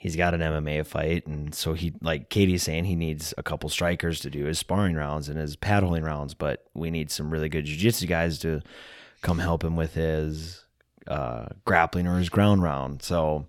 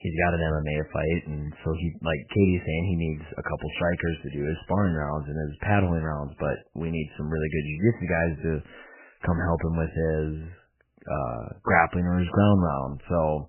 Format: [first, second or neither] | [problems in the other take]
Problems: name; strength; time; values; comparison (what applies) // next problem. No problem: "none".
first | garbled, watery; badly; nothing above 3 kHz